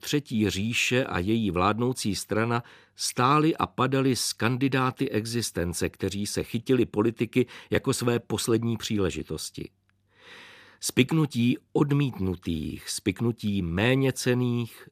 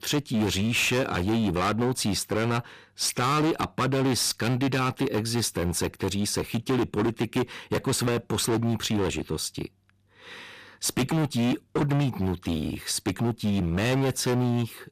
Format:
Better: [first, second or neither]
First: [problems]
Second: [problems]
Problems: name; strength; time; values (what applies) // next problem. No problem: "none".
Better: first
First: none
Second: distortion; heavy; 19% of the sound clipped